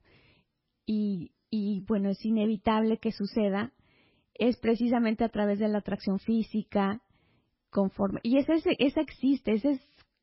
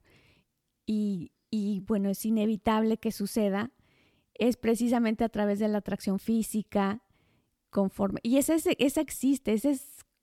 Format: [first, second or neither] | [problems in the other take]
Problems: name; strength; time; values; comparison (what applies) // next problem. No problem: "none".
second | garbled, watery; badly; nothing above 5.5 kHz